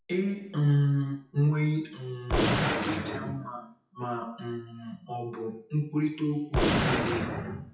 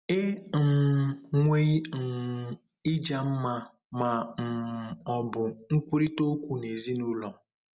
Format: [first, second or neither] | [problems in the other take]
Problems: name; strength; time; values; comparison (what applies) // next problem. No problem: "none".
second | noise reduction (classical method WPE with log-MMSE)